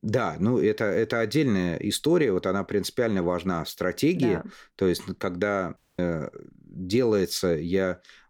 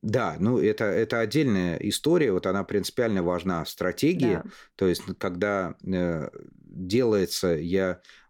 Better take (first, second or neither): second